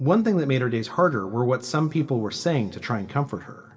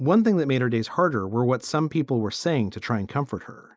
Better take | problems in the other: second | room echo; dies away in 1.5 s

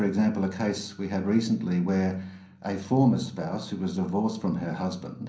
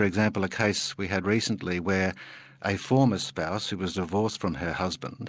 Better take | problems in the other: second | room echo; dies away in 0.6 s

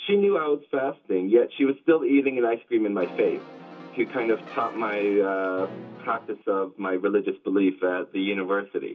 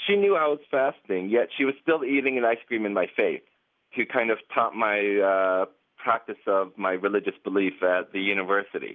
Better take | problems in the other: second | background sound (Brass instrument); 17 dB below the speech // room echo; dies away in 0.2 s

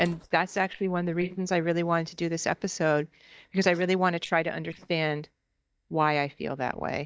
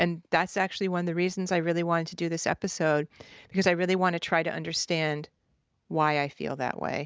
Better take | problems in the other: second | noise reduction (neural mask model DeepFilterNet 3)

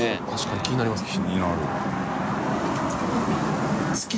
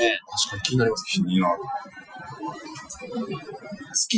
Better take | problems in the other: first | noise reduction (classical method Wiener filter)

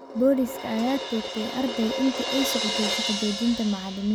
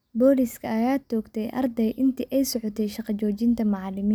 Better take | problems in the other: second | background sound (Crash cymbal); 5 dB below the speech

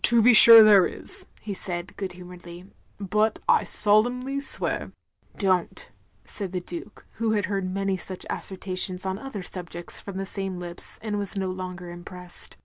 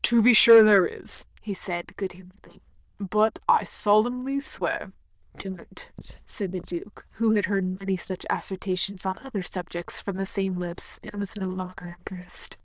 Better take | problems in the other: first | noise reduction (neural diffusion model UNIVERSE++)

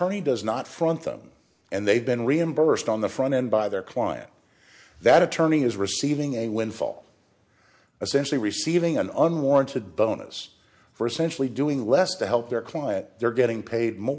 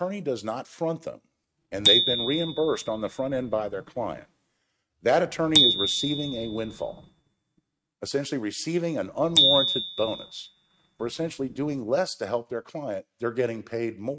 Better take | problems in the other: first | noise reduction (neural mask model RNNoise)

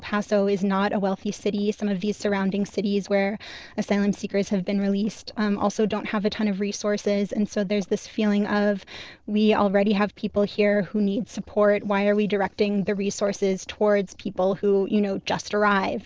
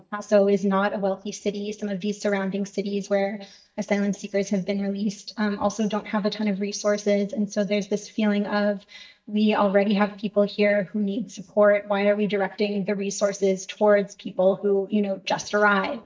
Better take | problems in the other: first | noise reduction (neural mask model DeepFilterNet 3)

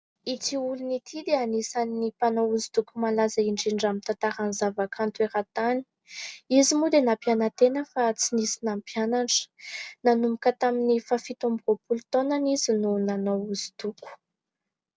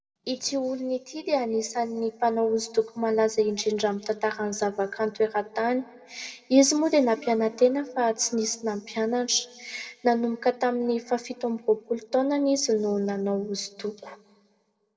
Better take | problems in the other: first | room echo; dies away in 1.6 s

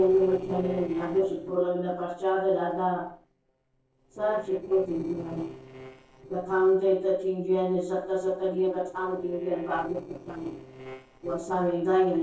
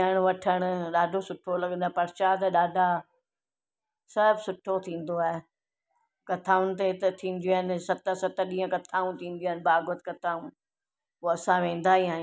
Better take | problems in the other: second | noise reduction (neural separator model SepFormer DNS4)

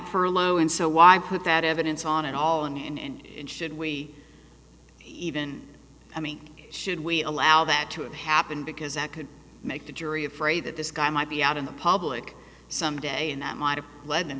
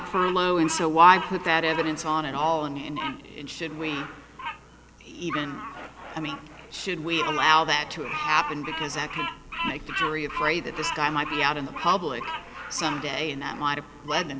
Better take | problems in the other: first | background sound (Bird vocalization, bird call, bird song); 9 dB below the speech

